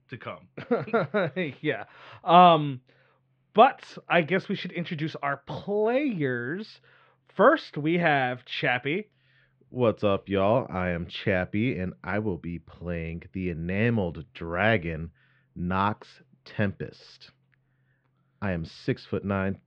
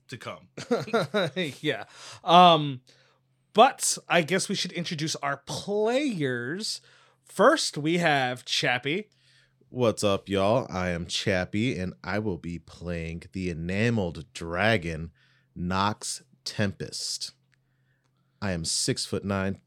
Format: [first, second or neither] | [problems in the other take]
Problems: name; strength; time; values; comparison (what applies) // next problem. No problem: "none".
second | muffled; very; fading above 3 kHz